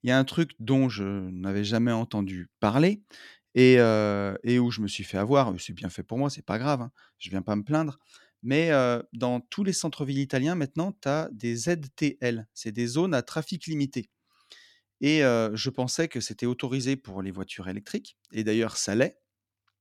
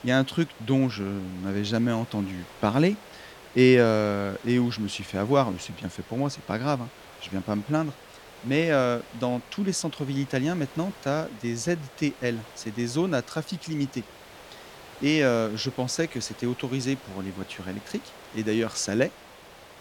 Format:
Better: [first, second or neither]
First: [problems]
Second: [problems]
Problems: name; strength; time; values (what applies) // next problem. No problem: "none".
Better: first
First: none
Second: hiss; noticeable; throughout; 20 dB below the speech